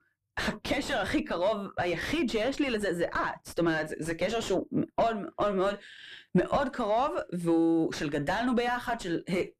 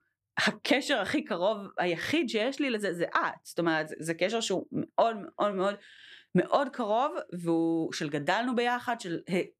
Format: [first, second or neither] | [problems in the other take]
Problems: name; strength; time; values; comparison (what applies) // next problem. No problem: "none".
second | distortion; heavy; 4 dB below the speech